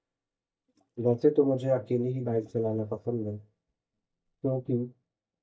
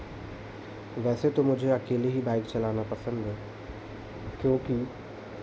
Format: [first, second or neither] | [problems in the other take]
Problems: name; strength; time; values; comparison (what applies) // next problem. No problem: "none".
second | noise reduction (neural mask model DeepFilterNet 3)